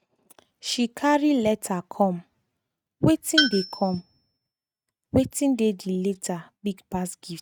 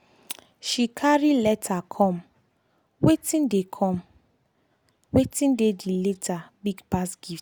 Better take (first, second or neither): second